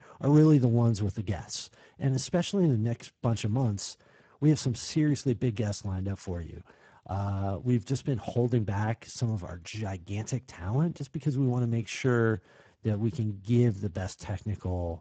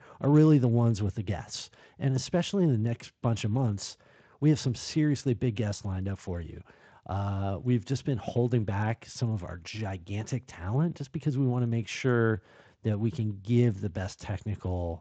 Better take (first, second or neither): second